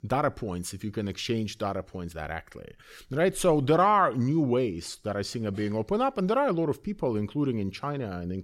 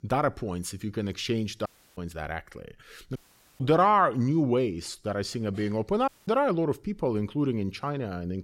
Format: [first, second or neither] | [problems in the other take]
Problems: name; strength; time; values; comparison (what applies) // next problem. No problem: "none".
first | audio cutting out; at 1.5 s, at 3 s and at 6 s